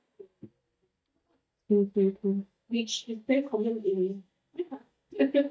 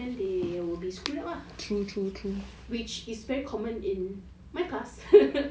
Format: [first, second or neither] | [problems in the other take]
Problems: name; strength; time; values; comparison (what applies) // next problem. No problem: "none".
second | noise reduction (neural mask model DeepFilterNet 3)